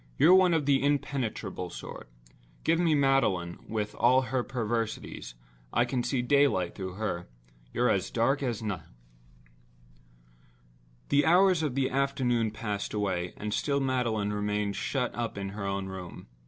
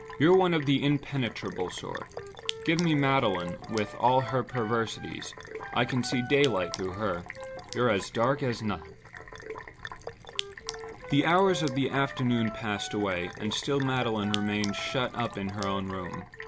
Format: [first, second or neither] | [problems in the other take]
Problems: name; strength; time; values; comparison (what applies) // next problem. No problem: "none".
first | background sound (Sink (filling or washing) + Wind instrument, woodwind instrument); 12 dB below the speech